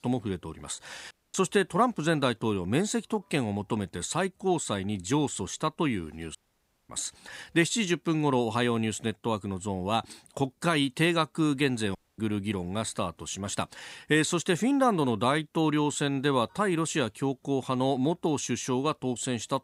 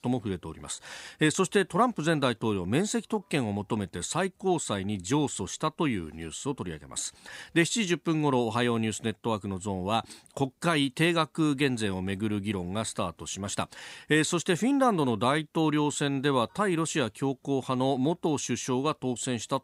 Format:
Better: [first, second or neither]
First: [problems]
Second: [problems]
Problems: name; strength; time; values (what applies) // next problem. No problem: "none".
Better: second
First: audio cutting out; at 1 s, at 6.5 s for 0.5 s and at 12 s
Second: none